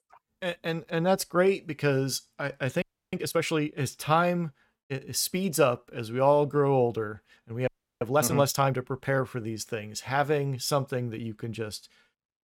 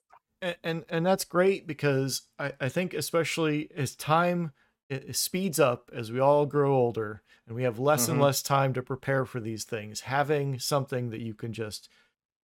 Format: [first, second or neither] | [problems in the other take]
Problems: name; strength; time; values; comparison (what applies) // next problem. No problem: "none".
second | audio freezing; at 3 s and at 7.5 s